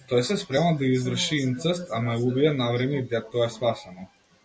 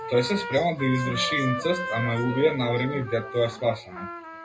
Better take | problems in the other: first | background sound (Trumpet); 8 dB below the speech // room echo; dies away in 0.2 s

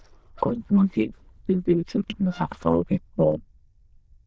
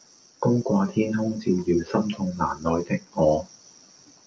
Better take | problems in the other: second | noise reduction (neural diffusion model UNIVERSE++)

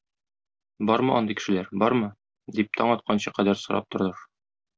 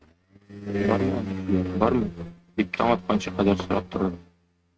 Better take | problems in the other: first | noise reduction (neural mask model RNNoise)

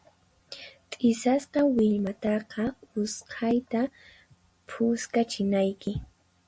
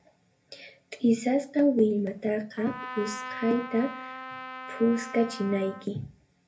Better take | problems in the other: first | background sound (Trumpet); 12 dB below the speech // room echo; dies away in 0.3 s

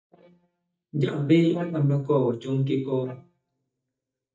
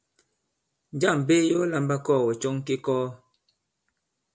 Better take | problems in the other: second | noise reduction (neural mask model DeepFilterNet 3)

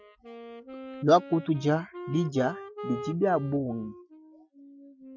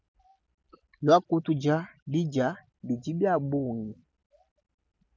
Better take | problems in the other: second | noise reduction (classical method Wiener filter)

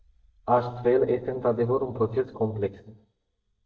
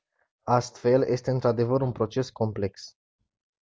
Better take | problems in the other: second | noise reduction (neural mask model DeepFilterNet 3)

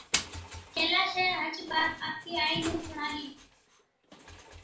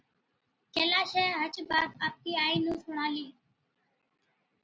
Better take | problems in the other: second | background sound (Engine); 9 dB below the speech // room echo; dies away in 0.3 s

